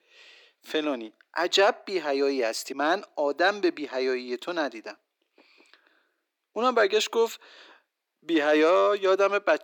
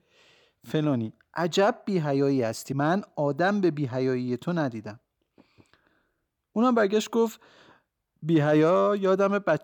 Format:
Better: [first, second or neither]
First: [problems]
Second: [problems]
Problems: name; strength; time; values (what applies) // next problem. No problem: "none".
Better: second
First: thin; somewhat; fading below 300 Hz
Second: none